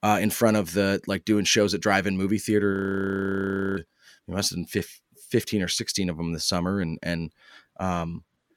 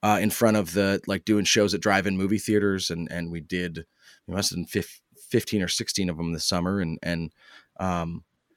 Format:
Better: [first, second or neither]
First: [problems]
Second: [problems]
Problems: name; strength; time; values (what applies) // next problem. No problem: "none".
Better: second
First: audio freezing; at 2.5 s for 1 s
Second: none